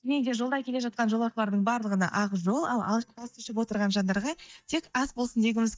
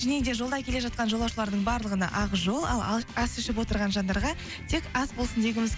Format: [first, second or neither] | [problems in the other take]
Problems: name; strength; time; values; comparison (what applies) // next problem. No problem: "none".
second | noise reduction (neural mask model DeepFilterNet 3)